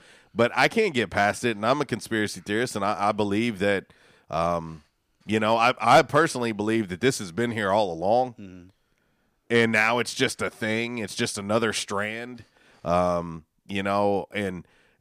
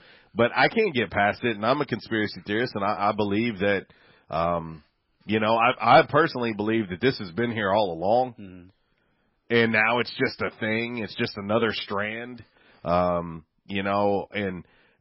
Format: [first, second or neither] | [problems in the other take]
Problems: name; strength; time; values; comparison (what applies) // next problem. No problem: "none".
first | garbled, watery; badly; nothing above 5.5 kHz